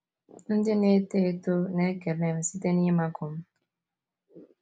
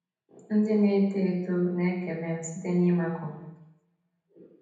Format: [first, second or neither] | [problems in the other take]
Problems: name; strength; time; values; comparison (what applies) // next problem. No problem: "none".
first | room echo; dies away in 0.8 s